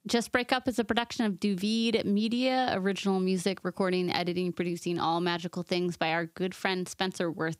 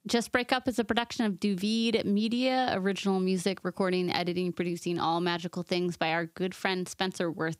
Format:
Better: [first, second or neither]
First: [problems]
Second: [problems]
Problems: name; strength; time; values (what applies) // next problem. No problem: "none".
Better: neither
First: none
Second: none